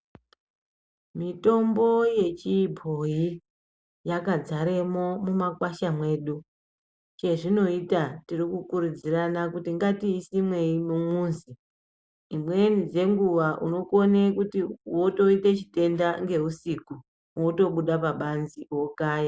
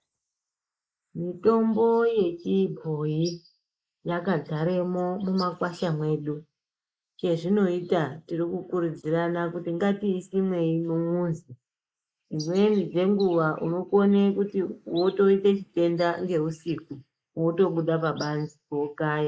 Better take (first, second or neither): first